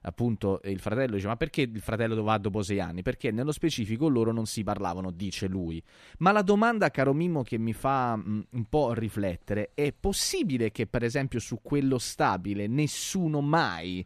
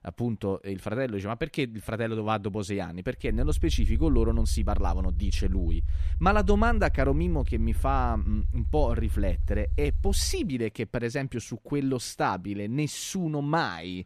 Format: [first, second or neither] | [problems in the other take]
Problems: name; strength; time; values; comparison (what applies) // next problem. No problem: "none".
first | low rumble; noticeable; from 3.5 to 10 s; 20 dB below the speech